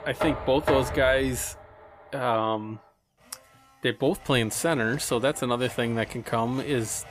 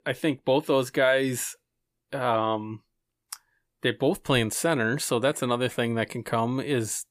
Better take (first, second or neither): second